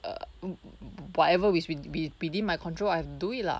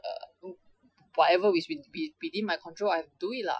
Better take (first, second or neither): first